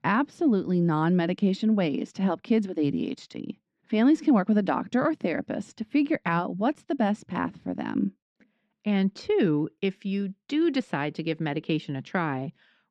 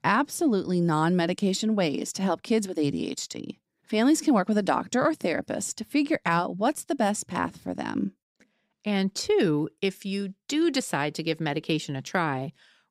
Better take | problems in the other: second | muffled; slightly; fading above 3 kHz

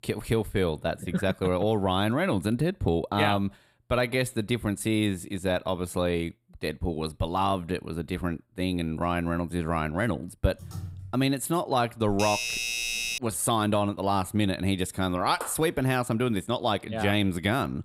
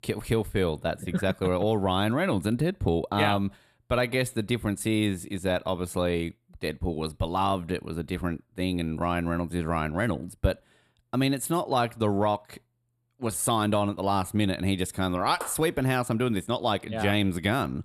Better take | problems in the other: second | keyboard typing; faint; at 11 s; peak 10 dB below the speech // doorbell; loud; from 12 to 13 s; peak level with the speech

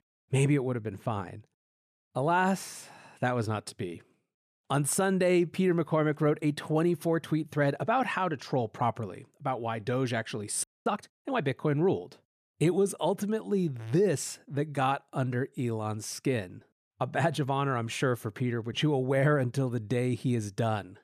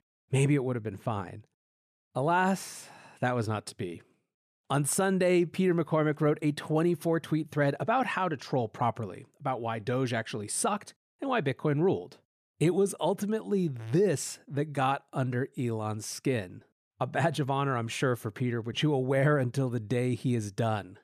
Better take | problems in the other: second | audio freezing; at 11 s

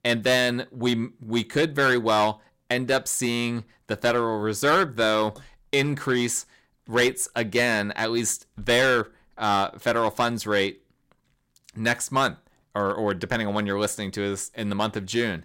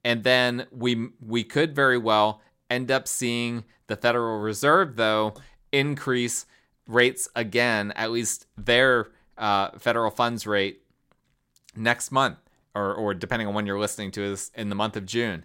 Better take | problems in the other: second | distortion; slight; 4% of the sound clipped

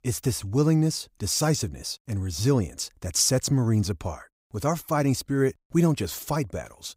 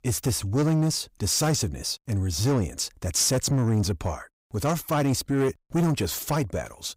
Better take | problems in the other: first | distortion; slight; 10 dB below the speech

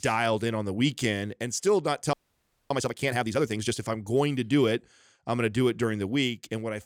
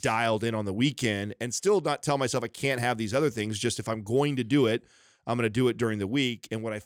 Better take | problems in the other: second | audio freezing; at 2 s for 0.5 s

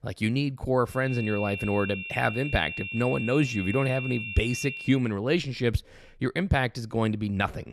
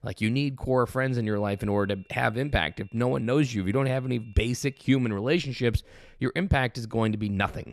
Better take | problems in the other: second | high-pitched whine; loud; from 1 to 5 s; 2.5 kHz, 7 dB below the speech; faint in the second

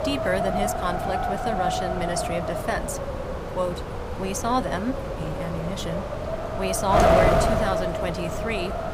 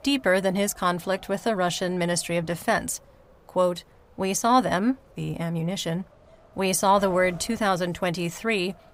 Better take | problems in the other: second | wind noise on the microphone; heavy; 3 dB above the speech; occasional gusts in the second

